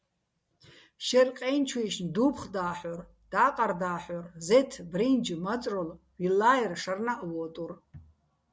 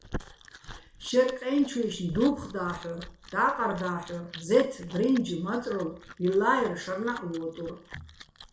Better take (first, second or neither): first